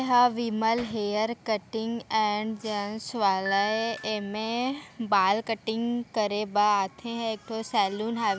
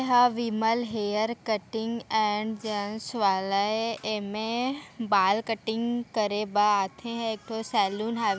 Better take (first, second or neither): second